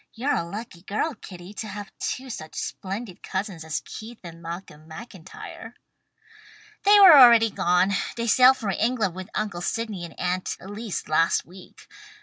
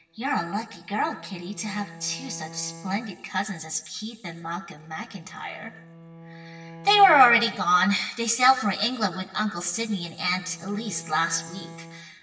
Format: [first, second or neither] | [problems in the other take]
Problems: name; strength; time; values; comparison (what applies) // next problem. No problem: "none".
first | background sound (Bowed string instrument); 20 dB below the speech // room echo; dies away in 1.4 s